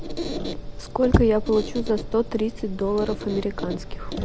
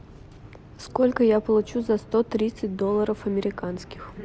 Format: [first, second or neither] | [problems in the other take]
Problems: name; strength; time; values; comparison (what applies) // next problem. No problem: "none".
second | background sound (Squeak); 3 dB below the speech